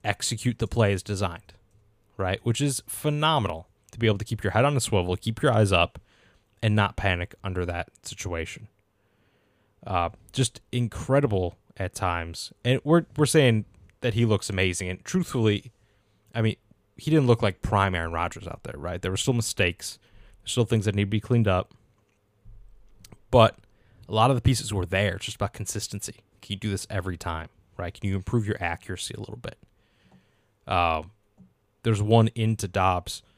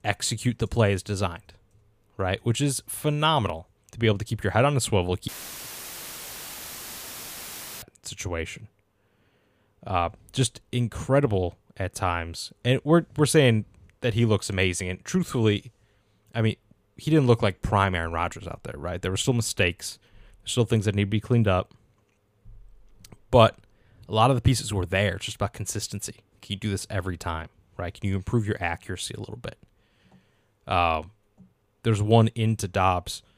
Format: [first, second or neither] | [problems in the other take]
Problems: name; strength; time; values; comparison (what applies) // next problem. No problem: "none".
first | audio cutting out; filled with static; at 5.5 s for 2.5 s